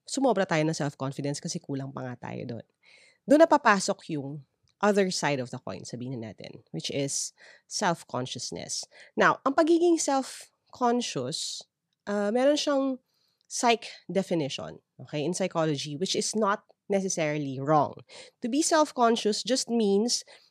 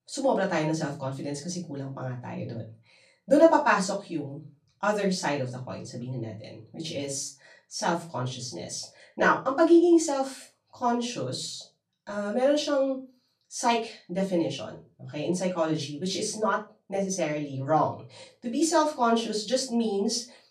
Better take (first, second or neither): first